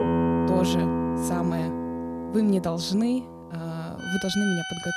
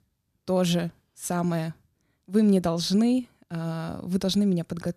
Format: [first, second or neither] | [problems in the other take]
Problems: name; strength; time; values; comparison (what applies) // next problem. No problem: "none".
second | background music; loud; throughout; 1 dB below the speech